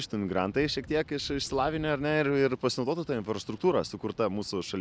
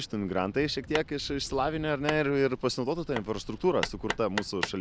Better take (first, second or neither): first